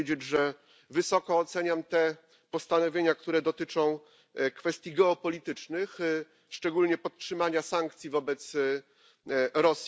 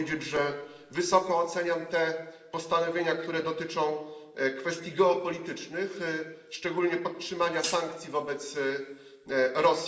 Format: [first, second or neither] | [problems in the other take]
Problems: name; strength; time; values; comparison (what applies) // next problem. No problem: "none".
first | background sound (Hi-hat); 10 dB below the speech // room echo; dies away in 1.7 s